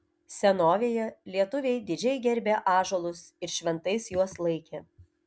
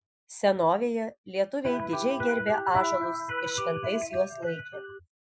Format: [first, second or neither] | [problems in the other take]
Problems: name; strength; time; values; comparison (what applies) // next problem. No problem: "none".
first | noise reduction (classical method Wiener filter)